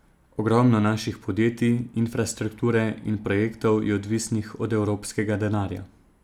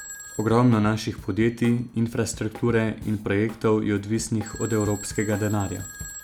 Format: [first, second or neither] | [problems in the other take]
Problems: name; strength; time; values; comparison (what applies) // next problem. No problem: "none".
first | background sound (Telephone + Drum kit); 16 dB below the speech